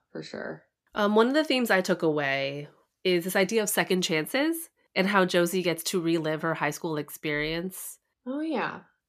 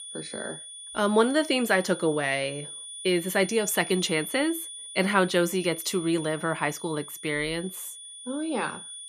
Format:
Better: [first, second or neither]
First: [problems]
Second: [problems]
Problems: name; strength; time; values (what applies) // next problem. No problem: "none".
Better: first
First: none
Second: high-pitched whine; noticeable; throughout; 9.5 kHz, 10 dB below the speech